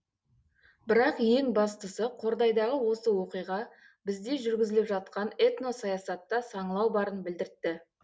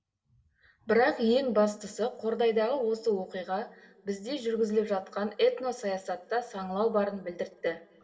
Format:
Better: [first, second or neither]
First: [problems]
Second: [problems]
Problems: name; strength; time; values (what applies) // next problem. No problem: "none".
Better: first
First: none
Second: room echo; dies away in 1.9 s